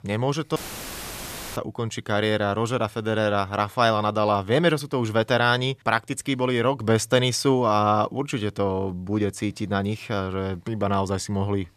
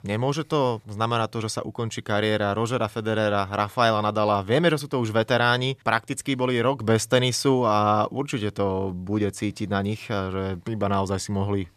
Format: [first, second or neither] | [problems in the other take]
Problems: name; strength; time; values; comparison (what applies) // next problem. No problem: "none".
second | audio cutting out; filled with static; at 0.5 s for 1 s